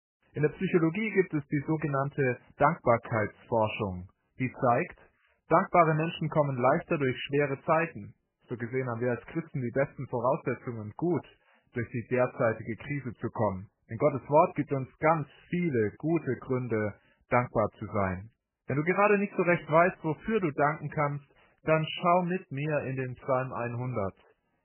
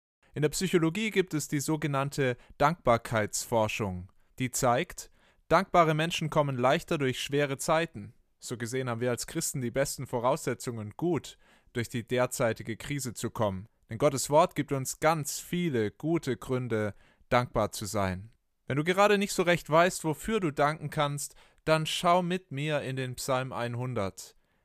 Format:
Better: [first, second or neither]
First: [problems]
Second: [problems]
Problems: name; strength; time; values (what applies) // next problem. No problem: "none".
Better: second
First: garbled, watery; badly; nothing above 3 kHz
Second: none